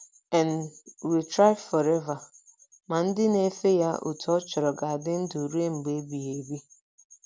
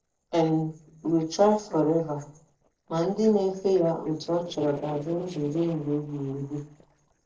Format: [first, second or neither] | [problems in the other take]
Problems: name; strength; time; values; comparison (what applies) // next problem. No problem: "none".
first | noise reduction (neural separator model SepFormer DNS4)